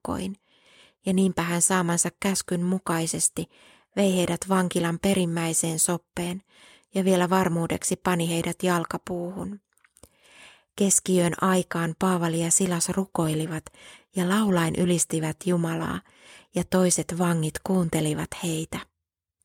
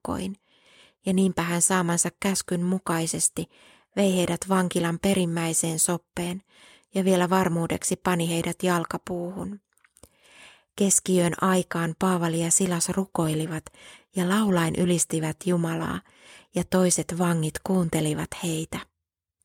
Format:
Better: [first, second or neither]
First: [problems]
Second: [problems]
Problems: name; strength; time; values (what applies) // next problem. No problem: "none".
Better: neither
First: none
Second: none